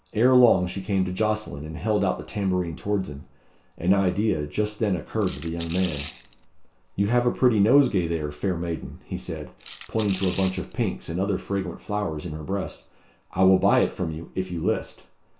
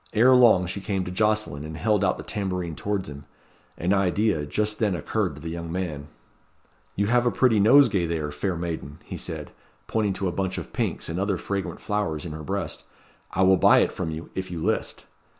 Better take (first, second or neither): second